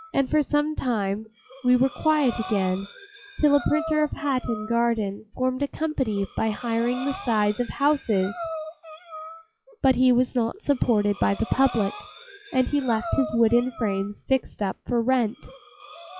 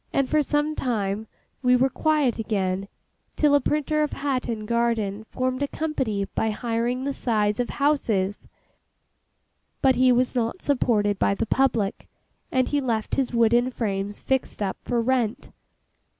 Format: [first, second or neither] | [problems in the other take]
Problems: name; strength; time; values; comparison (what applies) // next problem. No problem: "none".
second | noise reduction (classical method log-MMSE)